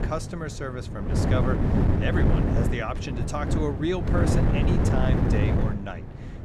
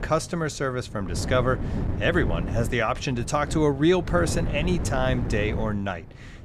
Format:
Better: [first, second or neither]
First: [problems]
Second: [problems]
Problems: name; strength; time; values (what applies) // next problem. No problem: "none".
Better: second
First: wind noise on the microphone; heavy; 1 dB above the speech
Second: wind noise on the microphone; occasional gusts; 10 dB below the speech